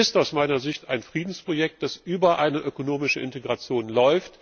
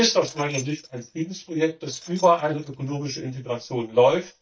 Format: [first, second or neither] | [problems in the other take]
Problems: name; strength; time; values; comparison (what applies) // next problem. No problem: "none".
first | noise reduction (neural mask model DeepFilterNet 3)